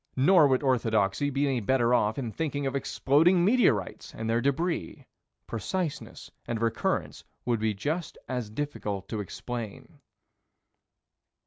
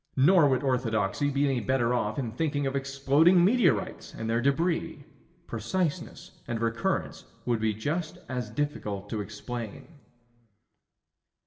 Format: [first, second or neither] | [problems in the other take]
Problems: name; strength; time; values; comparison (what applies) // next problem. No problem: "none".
first | room echo; dies away in 1 s